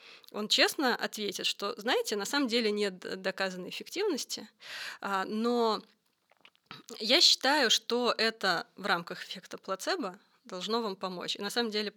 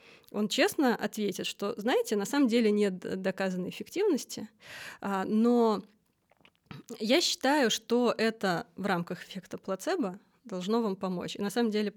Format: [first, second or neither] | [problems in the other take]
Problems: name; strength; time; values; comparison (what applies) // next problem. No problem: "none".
second | thin; very slightly; fading below 450 Hz